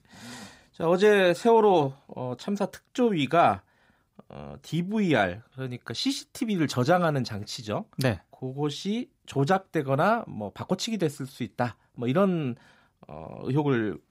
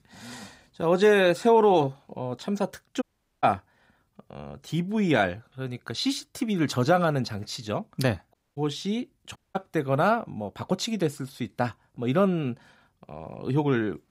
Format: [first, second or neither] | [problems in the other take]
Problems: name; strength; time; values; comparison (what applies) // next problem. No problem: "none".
first | audio cutting out; at 3 s, at 8.5 s and at 9.5 s